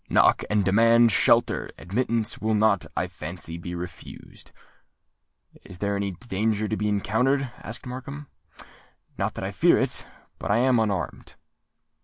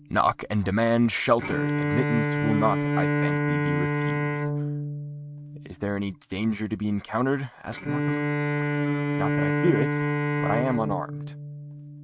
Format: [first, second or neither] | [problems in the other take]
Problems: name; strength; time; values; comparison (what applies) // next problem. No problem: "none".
first | noise reduction (neural mask model RNNoise)